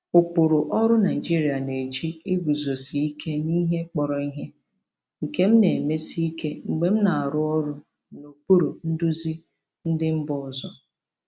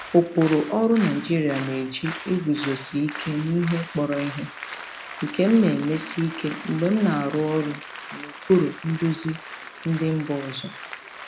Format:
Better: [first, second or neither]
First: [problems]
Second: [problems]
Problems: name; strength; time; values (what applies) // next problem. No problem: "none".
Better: first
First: none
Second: background sound (Applause); 13 dB below the speech